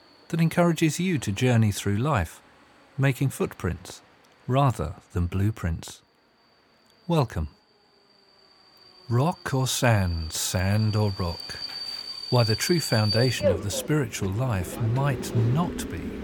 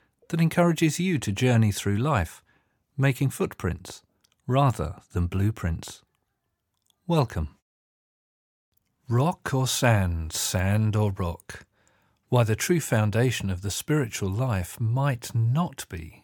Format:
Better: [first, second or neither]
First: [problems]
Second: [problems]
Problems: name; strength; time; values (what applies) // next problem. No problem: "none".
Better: second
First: train or aircraft noise; loud; throughout; 6 dB below the speech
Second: none